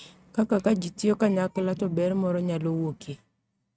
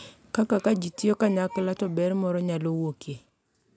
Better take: second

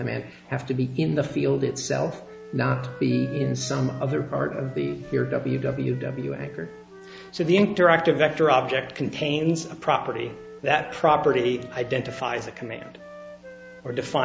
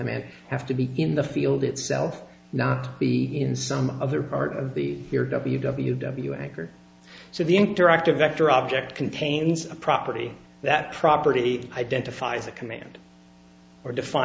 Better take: second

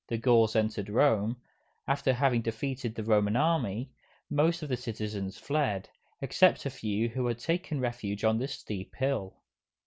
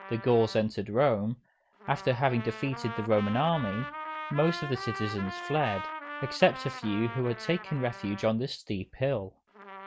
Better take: first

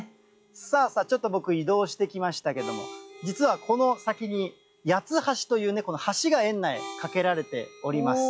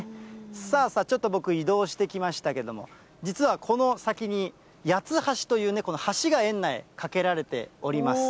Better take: second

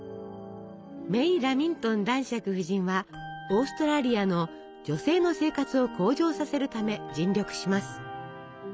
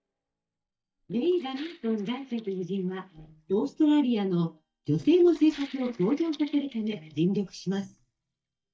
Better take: first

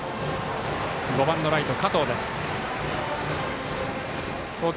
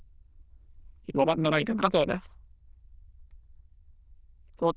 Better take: first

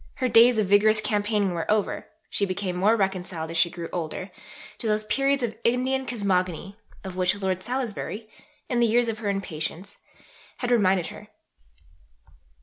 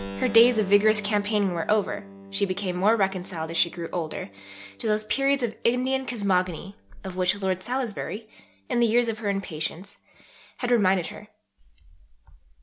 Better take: first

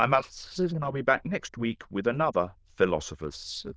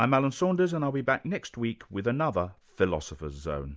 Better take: second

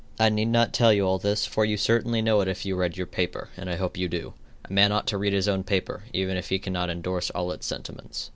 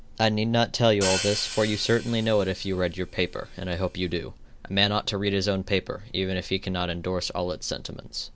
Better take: first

